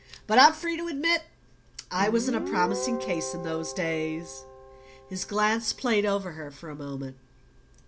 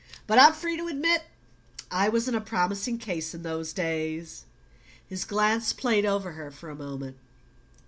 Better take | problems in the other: second | background sound (Guitar); 11 dB below the speech

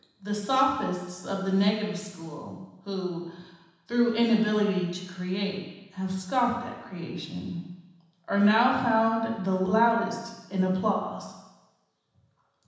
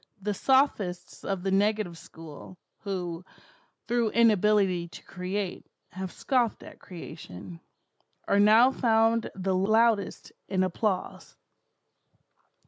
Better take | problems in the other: second | room echo; dies away in 1.1 s

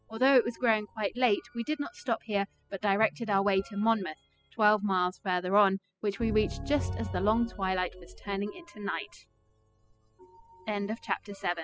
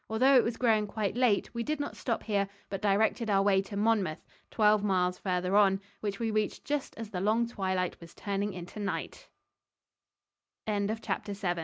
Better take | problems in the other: second | noise reduction (classical method spectral subtraction)

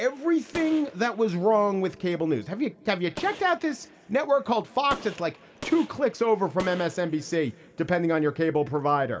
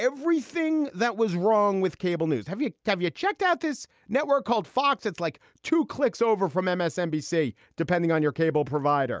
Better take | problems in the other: second | background sound (Gunshot, gunfire); 20 dB below the speech // room echo; dies away in 2.1 s

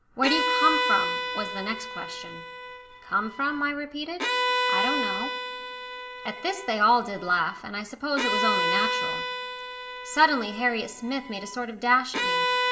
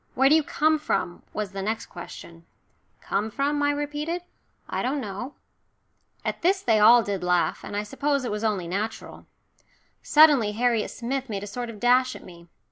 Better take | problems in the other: second | background sound (Bowed string instrument); 1 dB below the speech // room echo; dies away in 1.6 s

